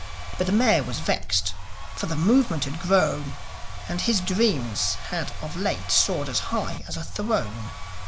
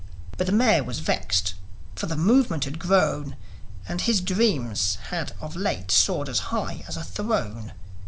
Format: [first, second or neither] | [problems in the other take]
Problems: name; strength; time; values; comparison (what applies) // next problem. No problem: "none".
second | background sound (Domestic sounds, home sounds); 16 dB below the speech